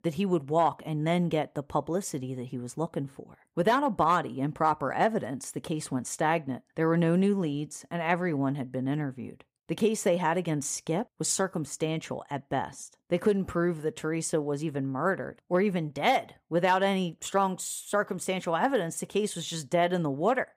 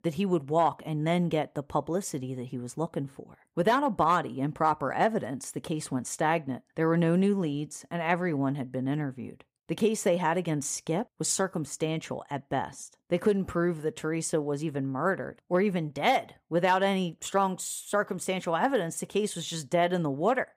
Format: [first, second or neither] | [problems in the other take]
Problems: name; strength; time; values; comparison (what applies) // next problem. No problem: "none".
neither | none